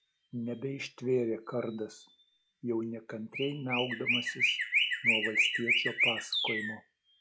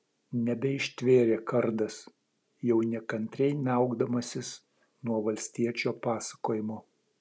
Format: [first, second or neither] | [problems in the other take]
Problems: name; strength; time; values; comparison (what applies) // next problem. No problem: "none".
second | noise reduction (classical method log-MMSE)